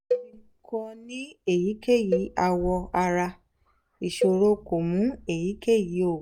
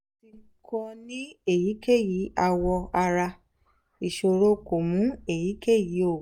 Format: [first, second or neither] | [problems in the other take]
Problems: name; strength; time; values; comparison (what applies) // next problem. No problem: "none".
second | background sound (Cowbell); 9 dB below the speech